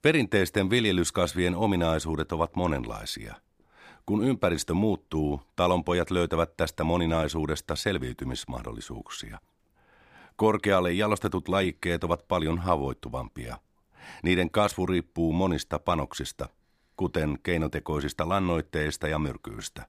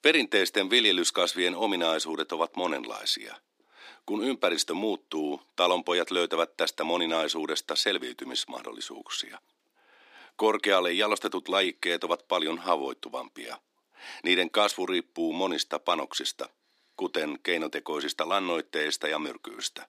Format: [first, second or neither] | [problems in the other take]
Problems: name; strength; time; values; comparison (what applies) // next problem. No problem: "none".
first | thin; somewhat; fading below 250 Hz